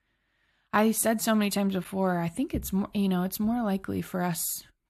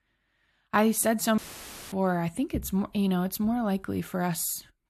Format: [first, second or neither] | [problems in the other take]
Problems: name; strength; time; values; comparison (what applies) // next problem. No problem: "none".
first | audio cutting out; filled with static; at 1.5 s for 0.5 s